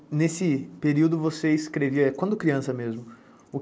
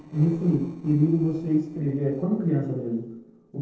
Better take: first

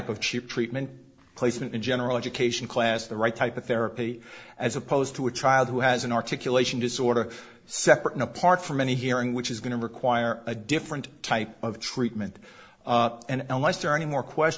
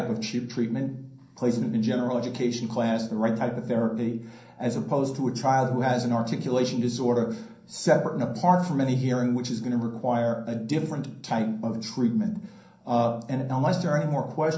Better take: first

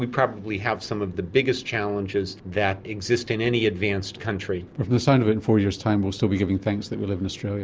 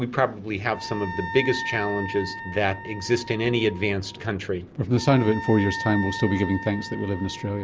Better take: first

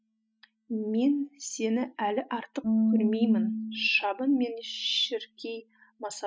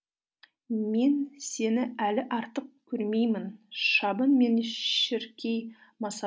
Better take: second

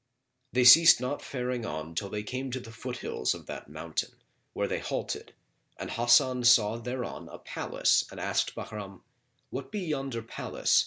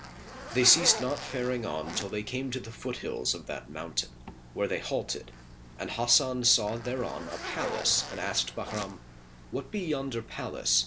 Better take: first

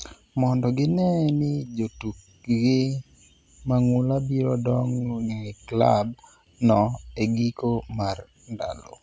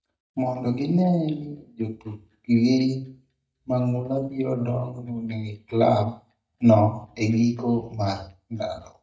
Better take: first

